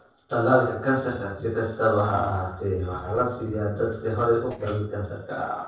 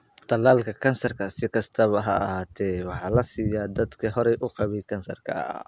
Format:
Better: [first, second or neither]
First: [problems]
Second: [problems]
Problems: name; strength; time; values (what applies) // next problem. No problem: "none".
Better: second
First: noise reduction (neural separator model SepFormer DNS4)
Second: none